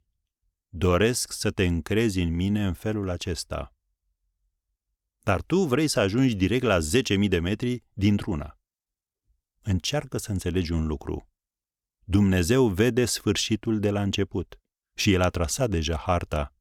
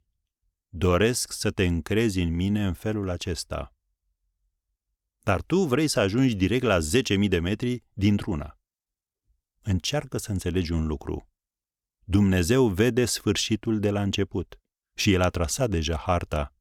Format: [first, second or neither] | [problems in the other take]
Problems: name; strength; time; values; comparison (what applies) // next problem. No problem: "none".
neither | none